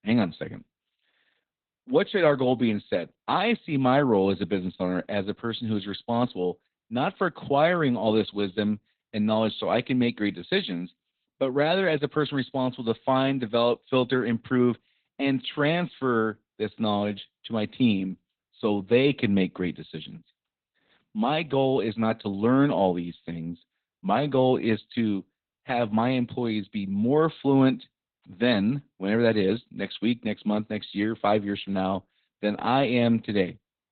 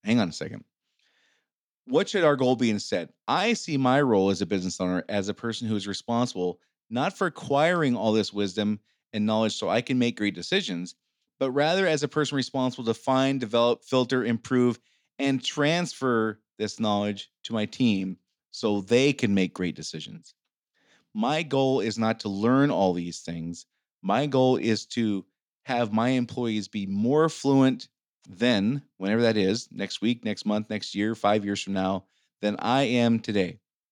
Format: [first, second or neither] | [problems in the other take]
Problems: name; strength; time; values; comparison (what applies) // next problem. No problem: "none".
second | garbled, watery; badly; nothing above 4 kHz